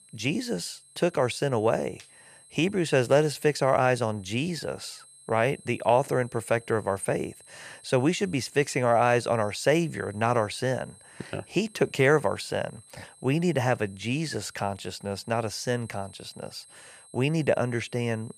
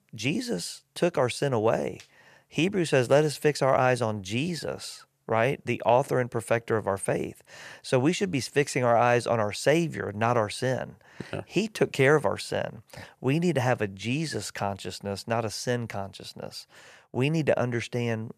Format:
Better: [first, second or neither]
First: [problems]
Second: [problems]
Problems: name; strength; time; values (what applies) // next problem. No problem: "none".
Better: second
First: high-pitched whine; faint; throughout; 8.5 kHz, 25 dB below the speech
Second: none